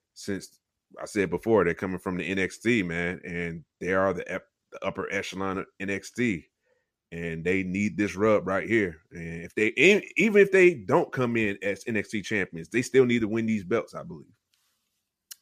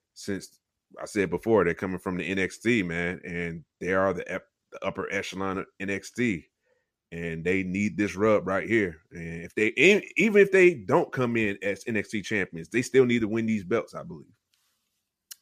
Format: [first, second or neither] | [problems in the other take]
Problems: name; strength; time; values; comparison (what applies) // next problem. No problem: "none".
neither | none